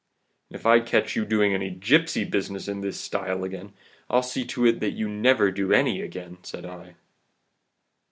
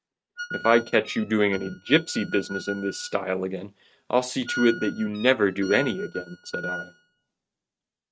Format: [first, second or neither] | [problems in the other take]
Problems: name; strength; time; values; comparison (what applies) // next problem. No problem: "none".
first | noise reduction (neural mask model RNNoise)